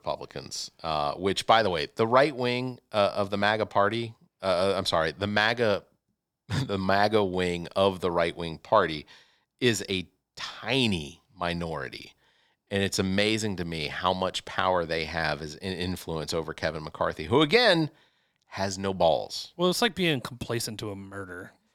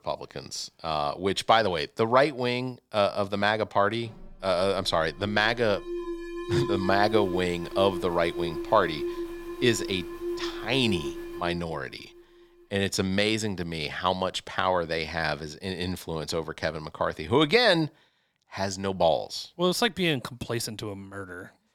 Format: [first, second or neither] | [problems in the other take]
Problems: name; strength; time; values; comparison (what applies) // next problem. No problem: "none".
first | alarm; noticeable; from 4 to 12 s; peak 2 dB below the speech